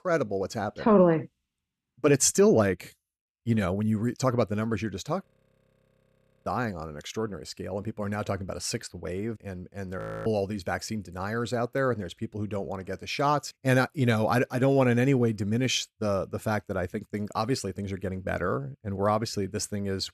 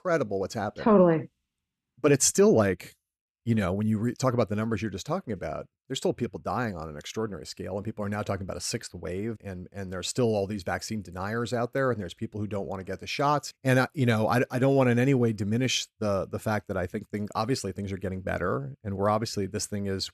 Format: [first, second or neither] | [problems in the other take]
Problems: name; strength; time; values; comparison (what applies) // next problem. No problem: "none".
second | audio freezing; at 5.5 s for 1 s and at 10 s